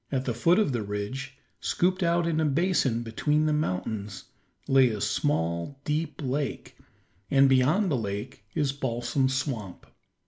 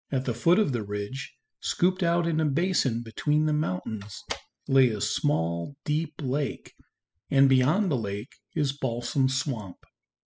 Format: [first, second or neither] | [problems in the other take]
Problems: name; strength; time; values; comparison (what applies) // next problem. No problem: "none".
first | noise reduction (classical method spectral subtraction)